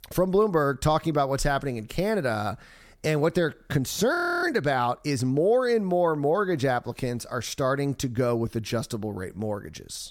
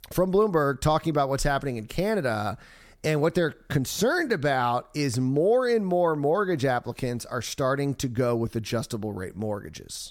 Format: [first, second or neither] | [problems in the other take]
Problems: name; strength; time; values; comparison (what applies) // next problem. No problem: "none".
second | audio freezing; at 4 s